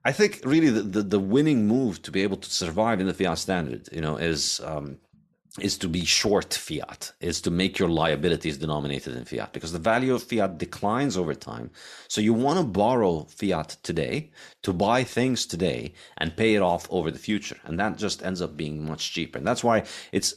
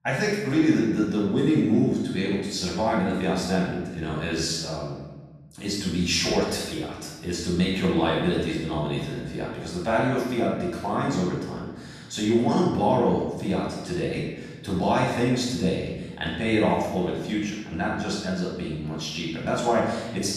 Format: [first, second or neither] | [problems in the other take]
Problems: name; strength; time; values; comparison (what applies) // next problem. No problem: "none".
first | off-mic speech; far // room echo; strong; dies away in 1.1 s